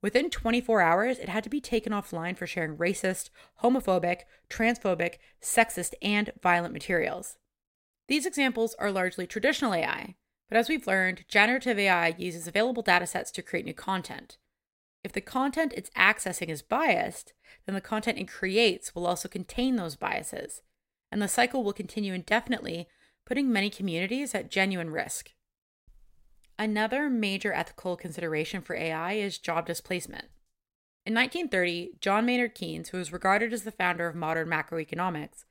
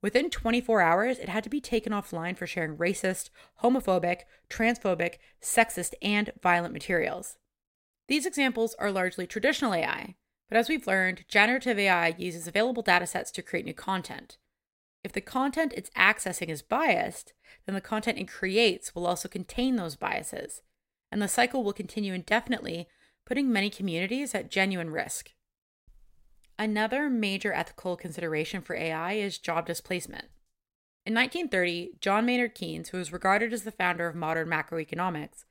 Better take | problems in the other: neither | none

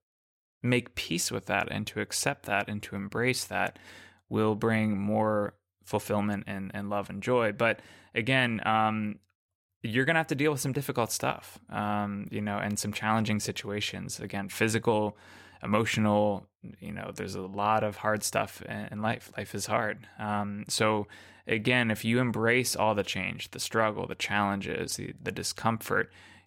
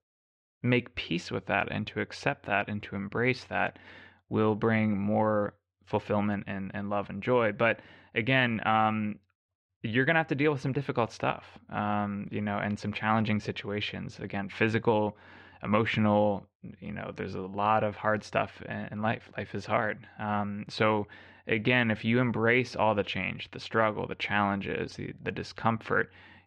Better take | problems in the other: first | muffled; slightly; fading above 3.5 kHz

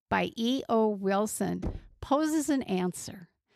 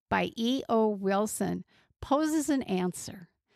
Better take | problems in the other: second | door banging; faint; at 1.5 s; peak 10 dB below the speech

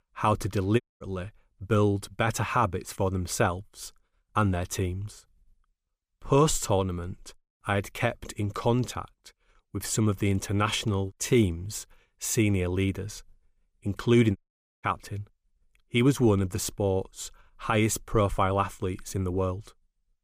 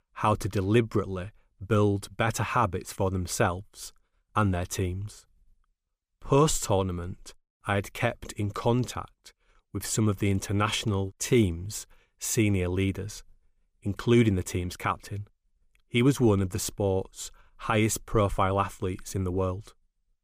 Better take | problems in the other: second | audio cutting out; at 1 s and at 14 s

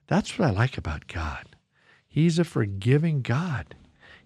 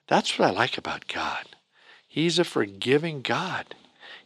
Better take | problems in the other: first | thin; somewhat; fading below 350 Hz

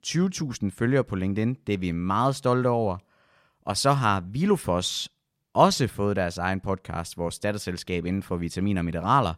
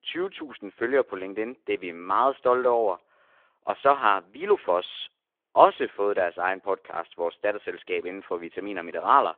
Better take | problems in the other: first | phone-call audio; nothing above 3.5 kHz

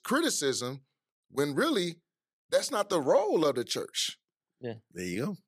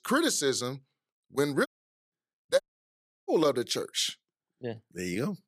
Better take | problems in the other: first | audio cutting out; at 1.5 s and at 2.5 s for 0.5 s

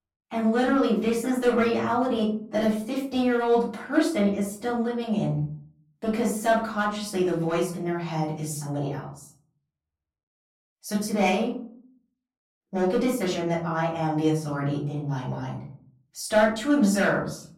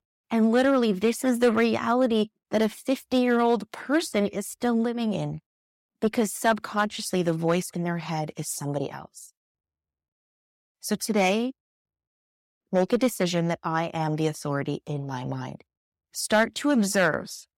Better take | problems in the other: second | room echo; slight; dies away in 0.5 s // off-mic speech; far

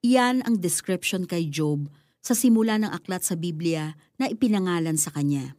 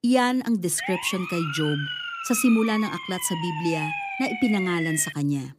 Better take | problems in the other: first | siren; noticeable; from 1 s on; peak 4 dB below the speech

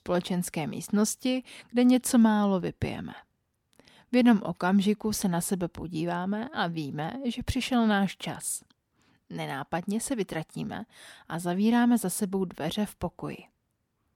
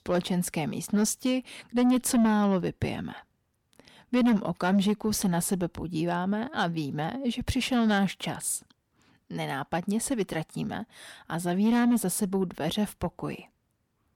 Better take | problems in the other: first | distortion; slight; 10 dB below the speech

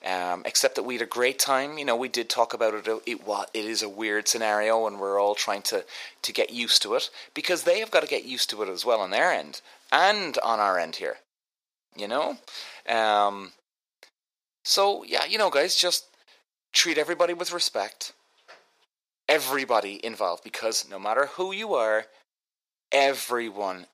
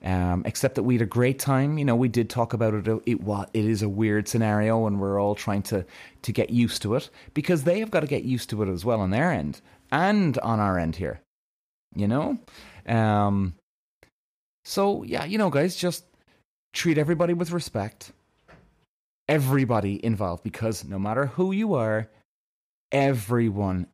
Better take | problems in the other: second | thin; very; fading below 500 Hz

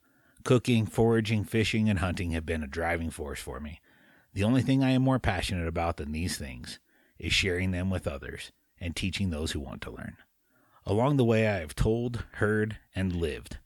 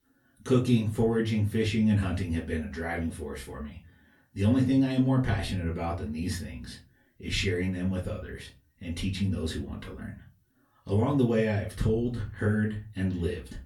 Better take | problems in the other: first | off-mic speech; far // room echo; very slight; dies away in 0.3 s

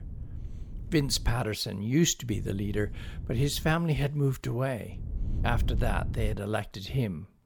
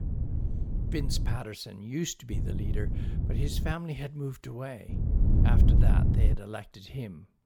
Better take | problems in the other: first | wind noise on the microphone; heavy; until 1.5 s, from 2.5 to 3.5 s and from 5 to 6.5 s; 2 dB below the speech; occasional gusts in the first

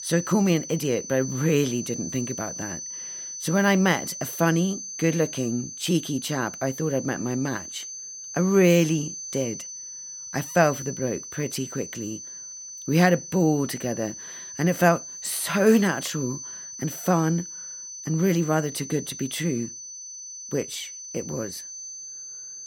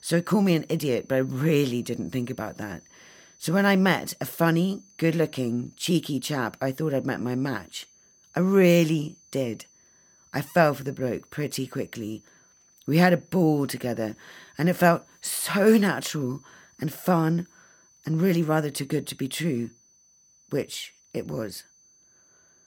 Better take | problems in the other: second | high-pitched whine; loud; throughout; 6 kHz, 10 dB below the speech; faint in the second

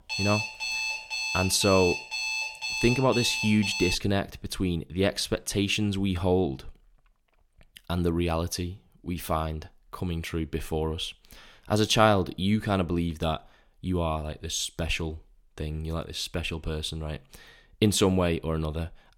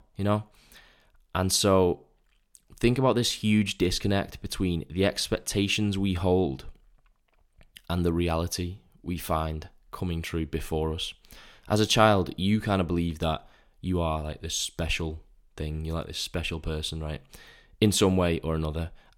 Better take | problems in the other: second | alarm; noticeable; until 4 s; peak level with the speech

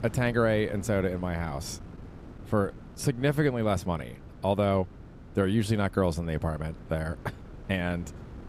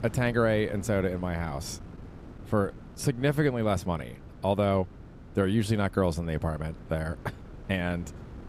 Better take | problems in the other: neither | wind noise on the microphone; occasional gusts; 20 dB below the speech; the same in both

